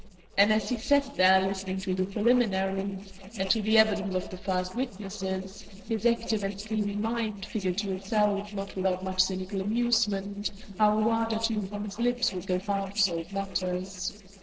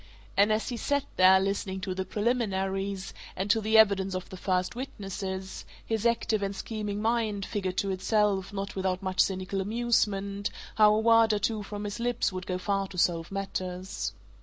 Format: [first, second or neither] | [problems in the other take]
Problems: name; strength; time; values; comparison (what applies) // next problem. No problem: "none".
second | noise reduction (neural separator model SepFormer DNS4)